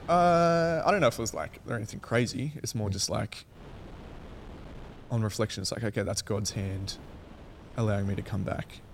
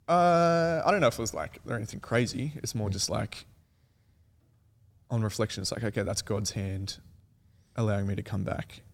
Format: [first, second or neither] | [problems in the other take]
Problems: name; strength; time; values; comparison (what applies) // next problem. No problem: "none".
second | wind noise on the microphone; occasional gusts; until 2 s, from 3.5 to 5.5 s and from 6.5 s on; 25 dB below the speech